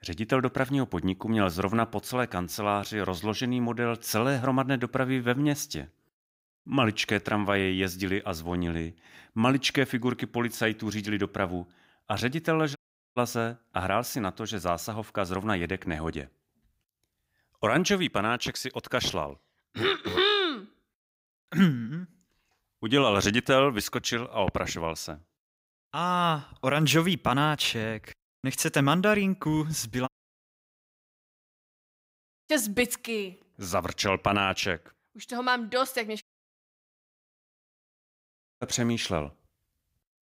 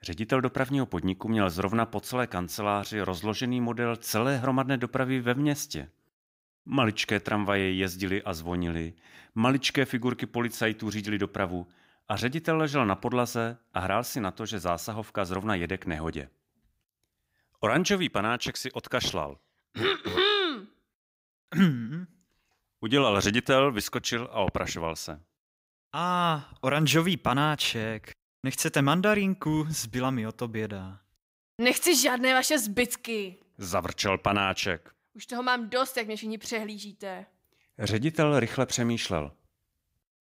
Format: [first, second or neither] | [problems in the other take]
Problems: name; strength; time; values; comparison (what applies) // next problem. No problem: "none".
second | audio cutting out; at 13 s, at 30 s for 2.5 s and at 36 s for 2.5 s